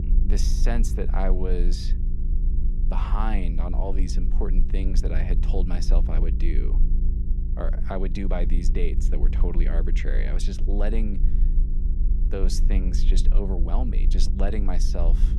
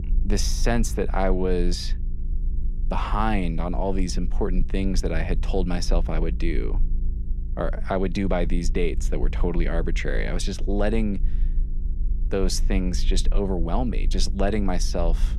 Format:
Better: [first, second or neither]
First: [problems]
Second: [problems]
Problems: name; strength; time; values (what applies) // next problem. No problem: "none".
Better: second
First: low rumble; loud; throughout; 10 dB below the speech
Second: low rumble; faint; throughout; 20 dB below the speech